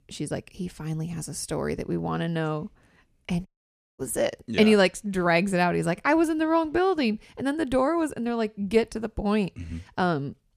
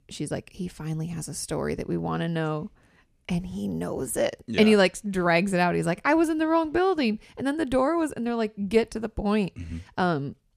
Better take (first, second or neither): second